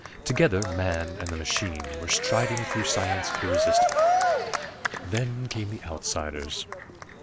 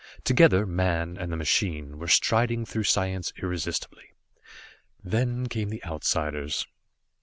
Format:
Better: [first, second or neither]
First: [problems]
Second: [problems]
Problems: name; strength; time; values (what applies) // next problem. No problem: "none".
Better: second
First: background sound (Cheering); 1 dB above the speech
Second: none